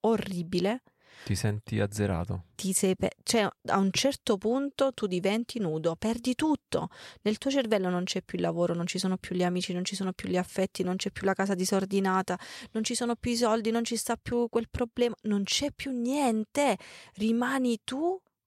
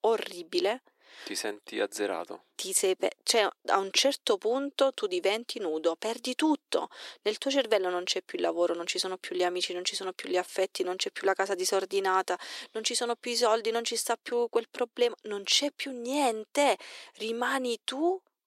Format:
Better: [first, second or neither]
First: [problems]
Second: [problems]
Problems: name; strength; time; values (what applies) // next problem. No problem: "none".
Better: first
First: none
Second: thin; somewhat; fading below 300 Hz